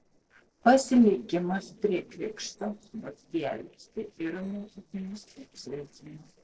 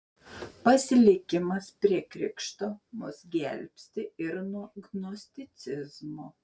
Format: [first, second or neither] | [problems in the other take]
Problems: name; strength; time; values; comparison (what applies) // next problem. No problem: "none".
second | noise reduction (neural separator model SepFormer DNS4)